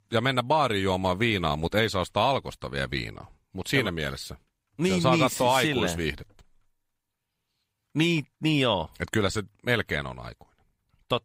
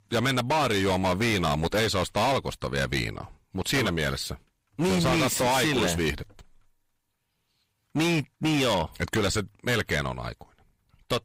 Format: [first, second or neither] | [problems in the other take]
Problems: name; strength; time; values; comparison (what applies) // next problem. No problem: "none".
first | distortion; heavy; 15% of the sound clipped